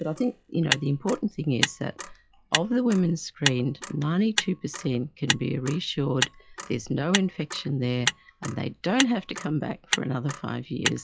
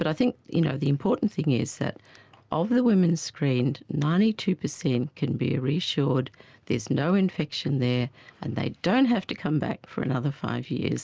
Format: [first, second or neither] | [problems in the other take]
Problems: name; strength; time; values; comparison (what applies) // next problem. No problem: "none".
second | noise reduction (classical method log-MMSE)